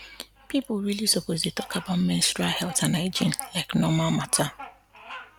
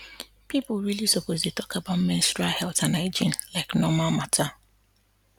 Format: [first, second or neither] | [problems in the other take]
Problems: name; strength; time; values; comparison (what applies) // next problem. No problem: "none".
second | background sound (Bird vocalization, bird call, bird song); 19 dB below the speech